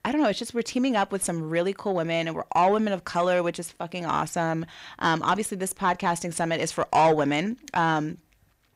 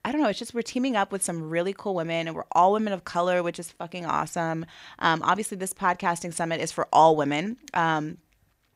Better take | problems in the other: second | distortion; slight; 10 dB below the speech

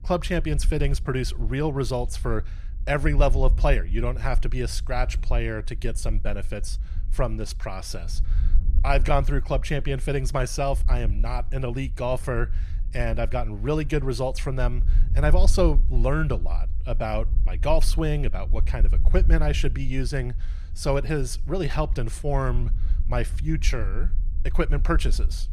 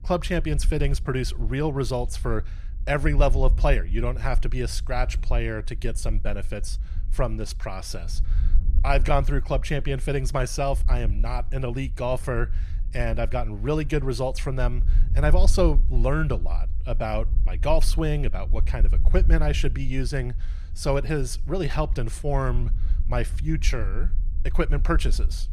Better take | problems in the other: neither | low rumble; faint; throughout; 20 dB below the speech; the same in both

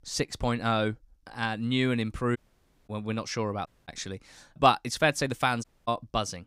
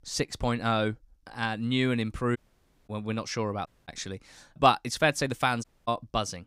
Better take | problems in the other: neither | audio cutting out; at 2.5 s for 0.5 s, at 3.5 s and at 5.5 s; the same in both

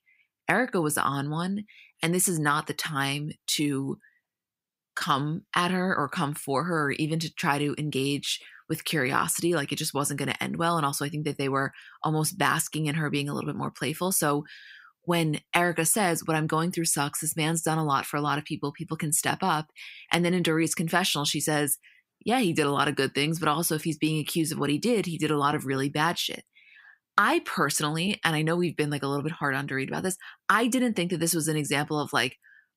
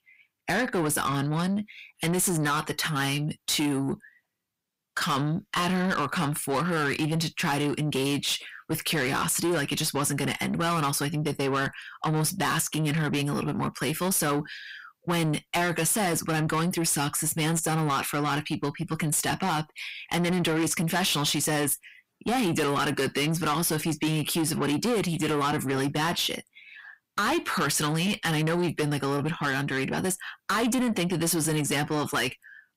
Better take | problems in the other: first | distortion; heavy; 7 dB below the speech

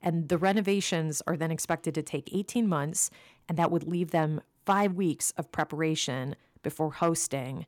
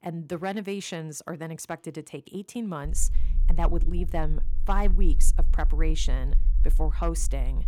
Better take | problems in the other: first | low rumble; noticeable; from 3 s on; 20 dB below the speech

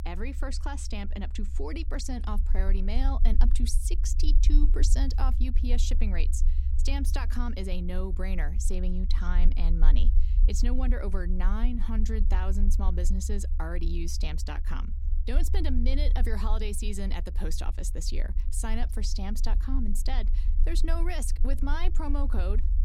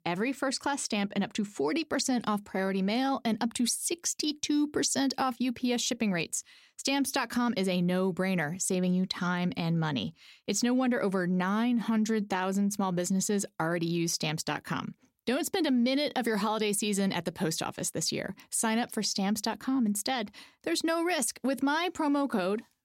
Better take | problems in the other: second | low rumble; noticeable; throughout; 15 dB below the speech

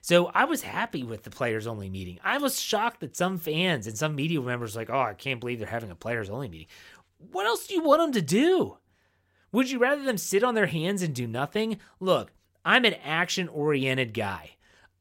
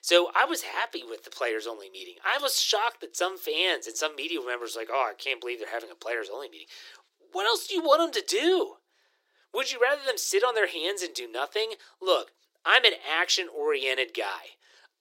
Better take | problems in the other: first | thin; very; fading below 350 Hz

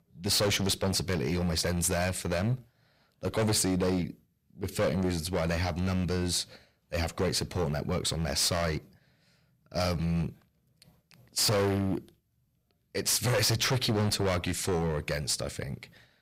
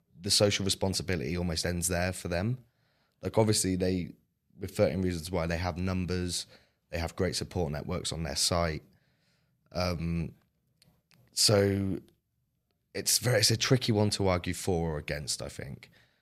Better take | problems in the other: second | distortion; heavy; 12% of the sound clipped

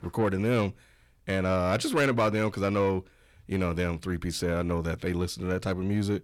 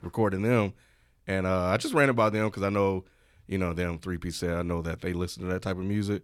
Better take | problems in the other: second | distortion; slight; 10 dB below the speech

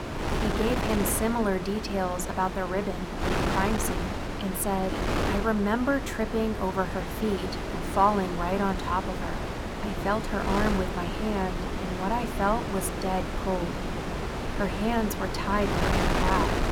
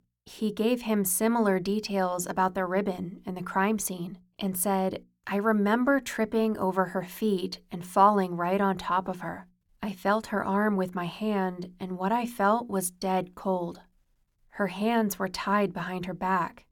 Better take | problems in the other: second | wind noise on the microphone; heavy; 3 dB below the speech

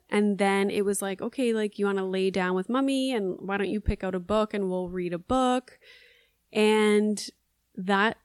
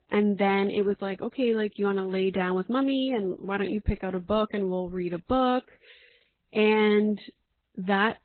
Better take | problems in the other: first | garbled, watery; badly; nothing above 4 kHz

